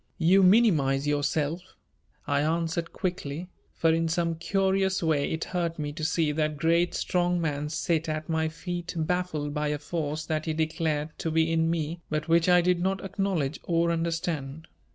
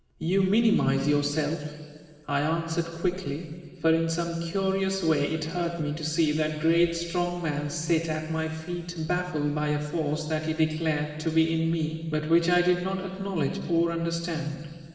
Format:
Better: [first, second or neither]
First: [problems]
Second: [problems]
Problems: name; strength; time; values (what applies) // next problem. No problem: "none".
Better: first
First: none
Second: room echo; dies away in 2.1 s